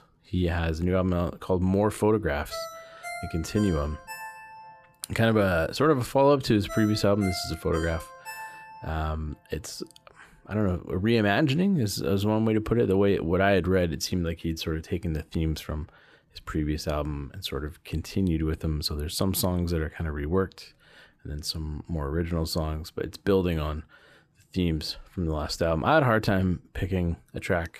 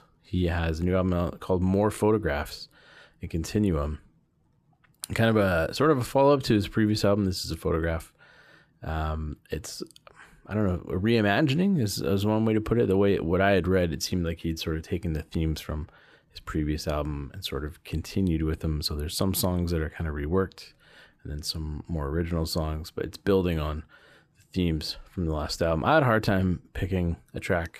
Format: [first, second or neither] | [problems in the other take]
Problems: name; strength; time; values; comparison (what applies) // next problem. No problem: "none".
second | phone ringing; faint; from 2.5 to 9 s; peak 10 dB below the speech